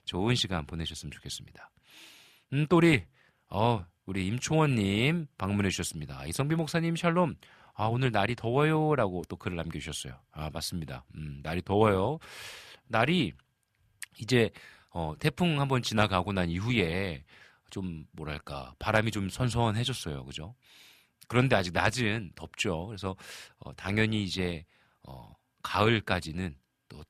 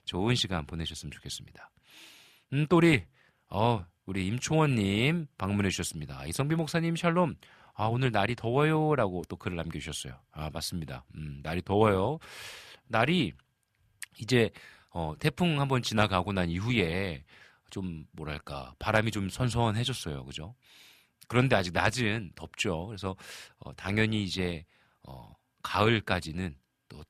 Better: neither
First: none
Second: none

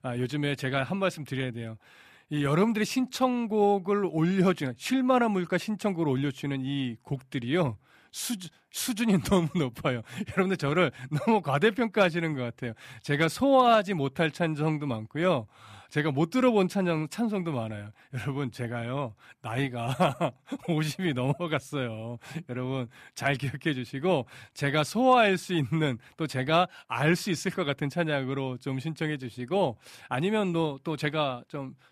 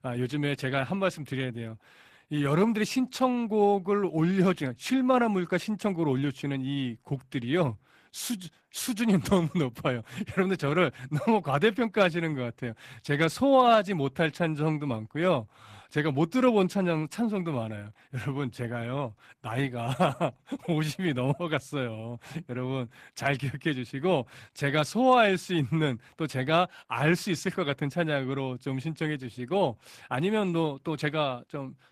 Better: first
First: none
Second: garbled, watery; slightly; nothing above 14.5 kHz

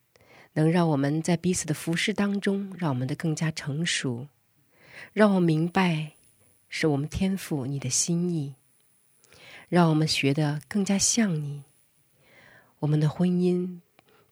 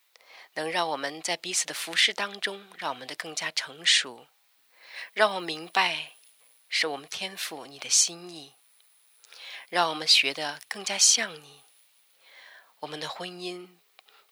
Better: first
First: none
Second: thin; very; fading below 850 Hz

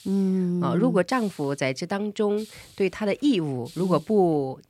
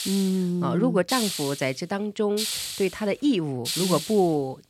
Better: first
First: hiss; faint; throughout; 25 dB below the speech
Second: hiss; loud; throughout; 5 dB below the speech

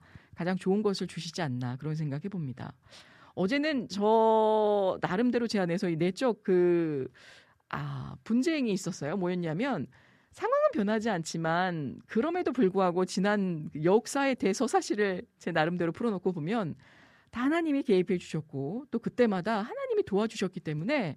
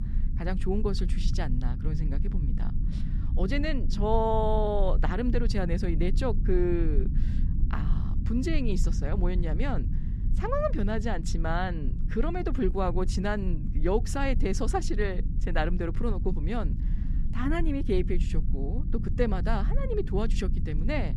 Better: first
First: none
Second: low rumble; noticeable; throughout; 15 dB below the speech

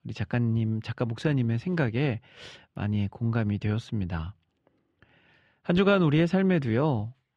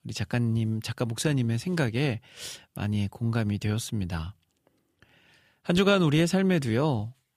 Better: second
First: muffled; slightly; fading above 2.5 kHz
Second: none

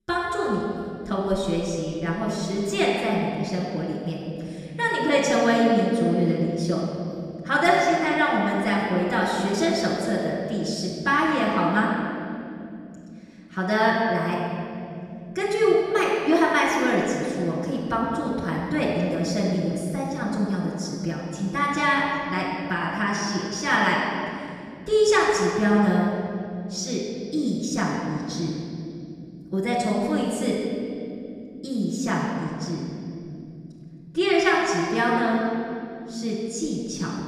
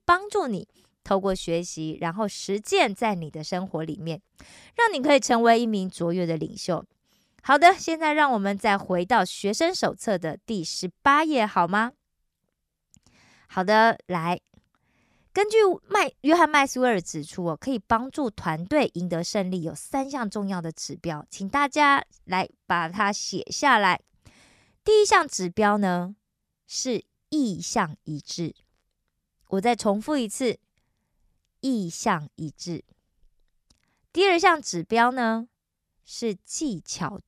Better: second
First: off-mic speech; far // room echo; noticeable; dies away in 3 s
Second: none

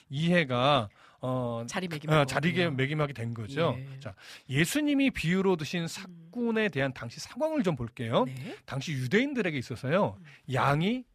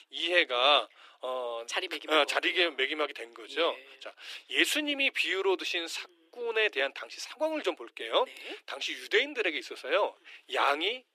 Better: first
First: none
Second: thin; very; fading below 300 Hz

